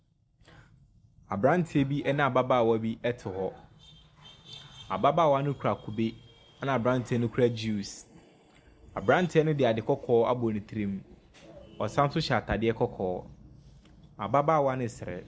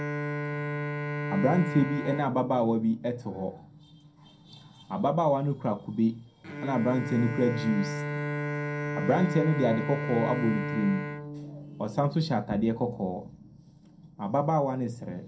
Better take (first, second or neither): first